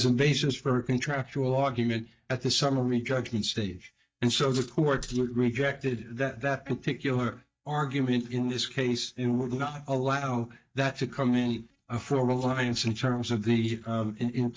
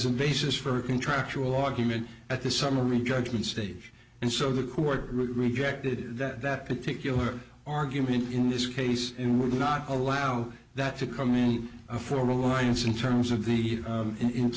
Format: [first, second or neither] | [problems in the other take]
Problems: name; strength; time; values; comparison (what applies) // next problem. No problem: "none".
second | noise reduction (neural mask model DeepFilterNet 3)